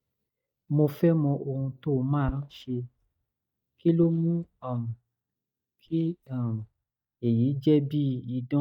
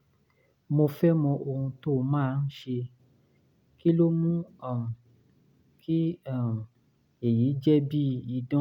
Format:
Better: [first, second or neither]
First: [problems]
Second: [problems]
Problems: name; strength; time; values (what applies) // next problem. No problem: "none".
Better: second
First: noise reduction (neural mask model DeepFilterNet 3)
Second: none